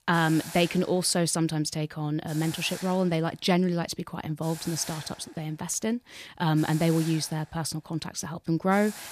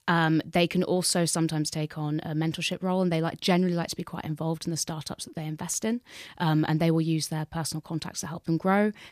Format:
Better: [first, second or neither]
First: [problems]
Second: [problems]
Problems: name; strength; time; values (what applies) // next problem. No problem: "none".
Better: second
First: hiss; noticeable; throughout; 15 dB below the speech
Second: none